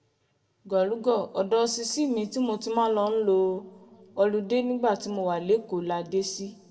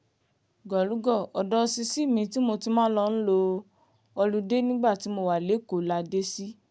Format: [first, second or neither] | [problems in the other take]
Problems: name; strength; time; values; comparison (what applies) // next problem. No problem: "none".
second | room echo; dies away in 0.9 s